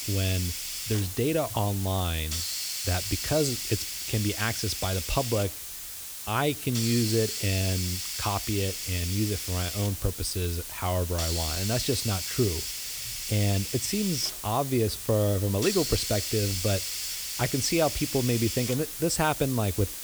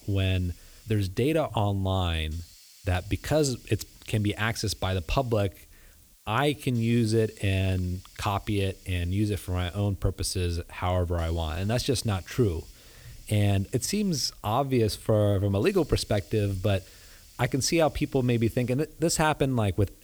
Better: second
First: hiss; loud; throughout; 3 dB below the speech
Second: hiss; faint; throughout; 25 dB below the speech

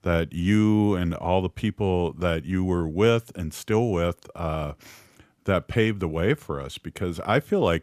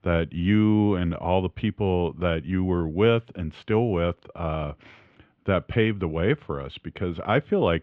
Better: first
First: none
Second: muffled; very; fading above 3 kHz

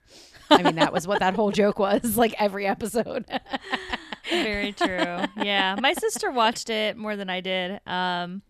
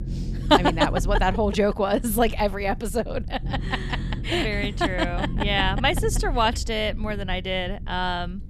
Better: first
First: none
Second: low rumble; noticeable; throughout; 20 dB below the speech

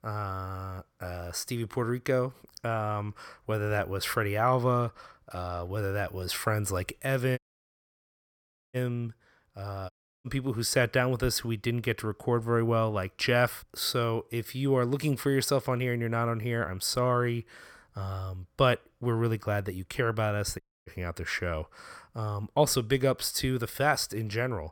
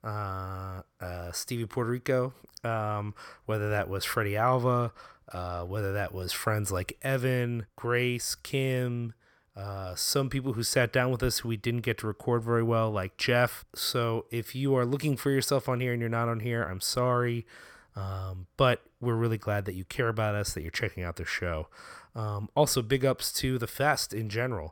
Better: second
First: audio cutting out; at 7.5 s for 1.5 s, at 10 s and at 21 s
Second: none

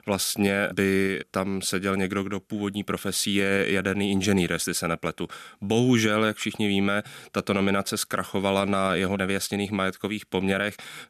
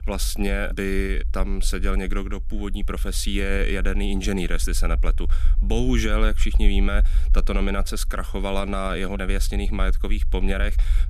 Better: first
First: none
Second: low rumble; faint; throughout; 20 dB below the speech

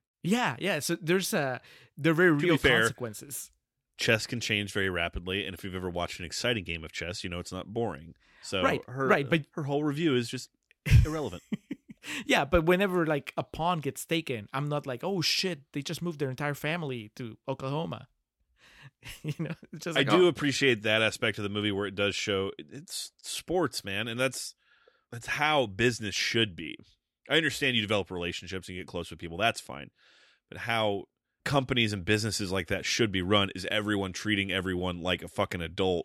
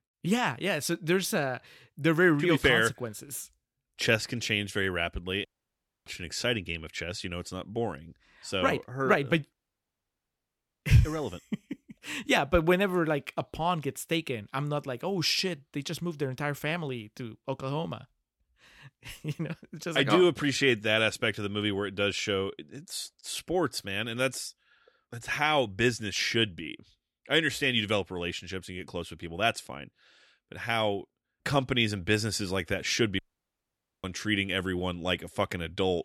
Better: first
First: none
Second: audio cutting out; at 5.5 s for 0.5 s, at 9.5 s for 1.5 s and at 33 s for 1 s

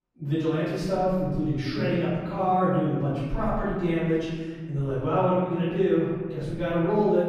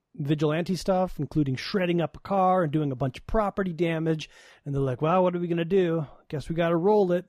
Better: second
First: room echo; strong; dies away in 1.6 s // off-mic speech; far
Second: none

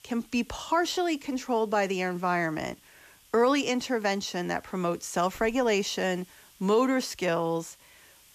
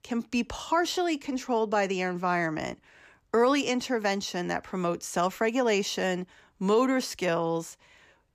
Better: second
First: hiss; faint; throughout; 25 dB below the speech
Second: none

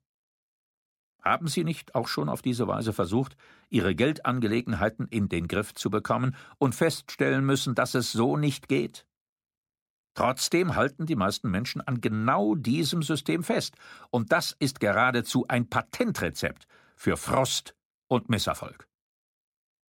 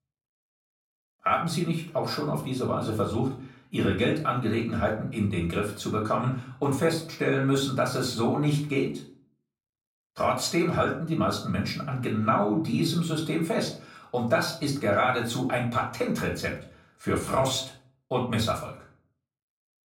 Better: first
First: none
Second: off-mic speech; far // room echo; slight; dies away in 0.4 s

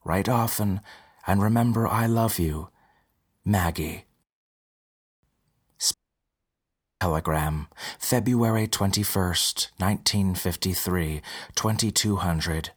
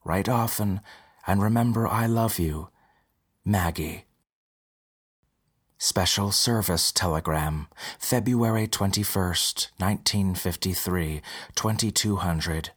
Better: second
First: audio cutting out; at 6 s for 1 s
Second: none

